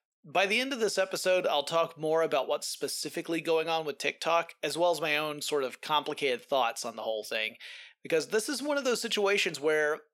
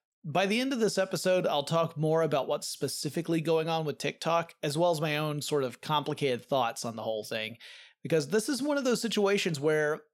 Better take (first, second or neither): second